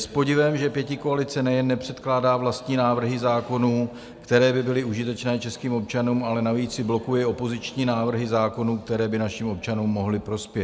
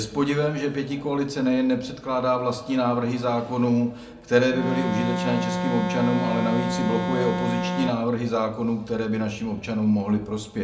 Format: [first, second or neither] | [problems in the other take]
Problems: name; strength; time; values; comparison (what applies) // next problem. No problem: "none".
first | background sound (Organ); 2 dB below the speech // room echo; dies away in 0.4 s